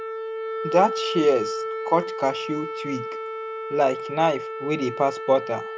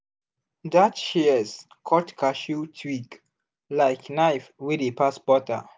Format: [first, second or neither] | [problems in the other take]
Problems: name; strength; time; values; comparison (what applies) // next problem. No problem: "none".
second | background sound (Wind instrument, woodwind instrument); 6 dB below the speech